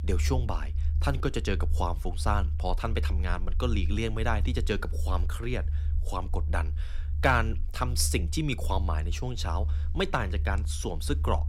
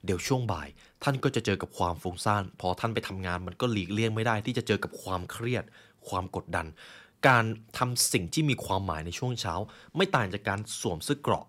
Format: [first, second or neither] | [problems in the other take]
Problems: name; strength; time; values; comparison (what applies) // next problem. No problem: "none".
second | low rumble; noticeable; throughout; 20 dB below the speech